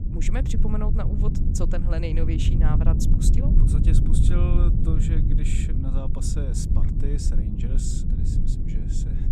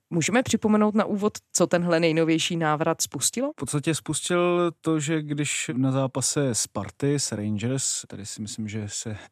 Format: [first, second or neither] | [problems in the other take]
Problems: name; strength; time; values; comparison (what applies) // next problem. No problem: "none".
second | low rumble; loud; throughout; 1 dB below the speech